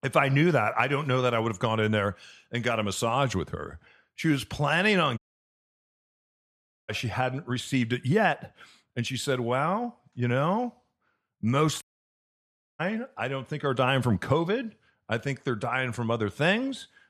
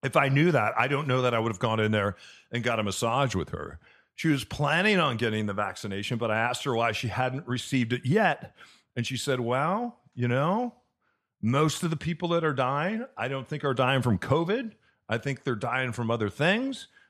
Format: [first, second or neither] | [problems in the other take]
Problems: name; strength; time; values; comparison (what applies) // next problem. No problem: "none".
second | audio cutting out; at 5 s for 1.5 s and at 12 s for 1 s